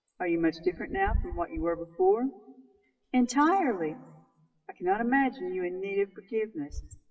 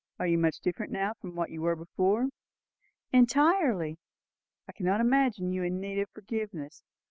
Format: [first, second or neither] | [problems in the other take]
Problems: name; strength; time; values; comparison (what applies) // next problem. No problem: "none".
second | noise reduction (classical method WPE with log-MMSE)